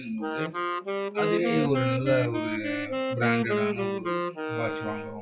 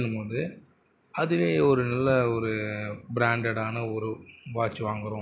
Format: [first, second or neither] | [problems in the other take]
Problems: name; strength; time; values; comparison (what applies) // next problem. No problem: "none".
second | noise reduction (classical method WPE with log-MMSE)